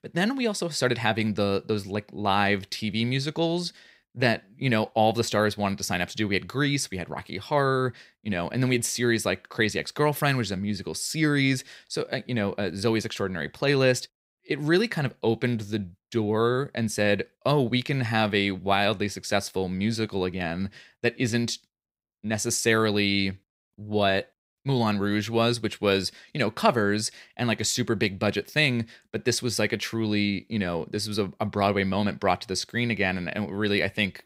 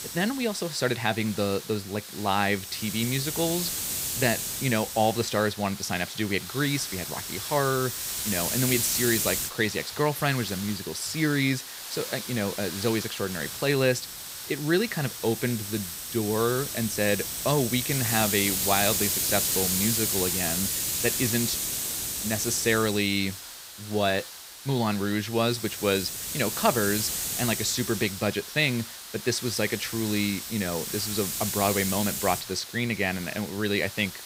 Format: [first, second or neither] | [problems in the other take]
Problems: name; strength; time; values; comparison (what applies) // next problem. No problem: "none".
first | hiss; loud; throughout; 2 dB below the speech